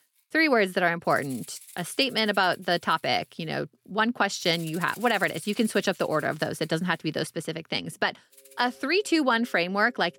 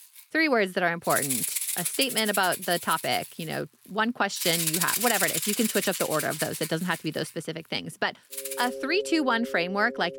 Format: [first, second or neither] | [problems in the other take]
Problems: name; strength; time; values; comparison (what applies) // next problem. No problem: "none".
first | background music; loud; throughout; 2 dB below the speech; faint in the first